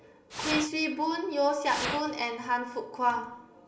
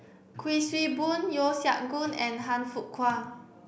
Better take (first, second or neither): second